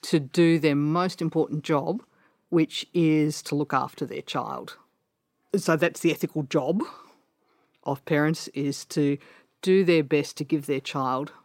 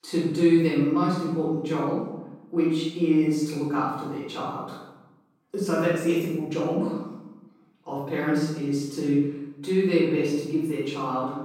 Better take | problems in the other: first | off-mic speech; far // room echo; strong; dies away in 0.8 s

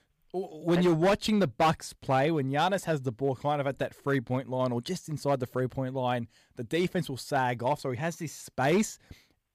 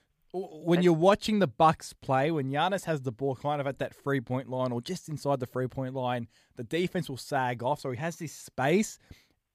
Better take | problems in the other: second | distortion; slight; 3% of the sound clipped

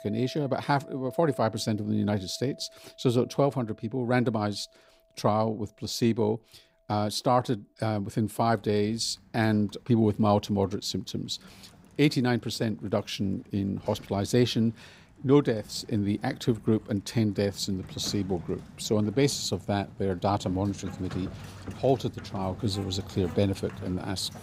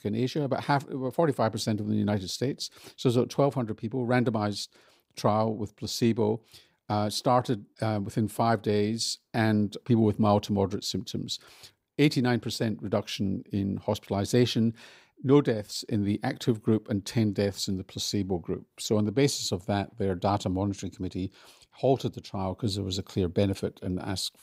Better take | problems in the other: second | household noises; noticeable; throughout; 20 dB below the speech

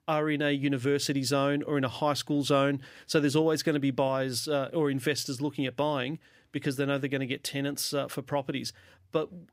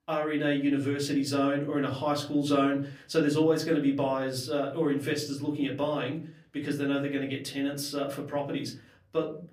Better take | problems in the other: first | off-mic speech; far // room echo; very slight; dies away in 0.4 s

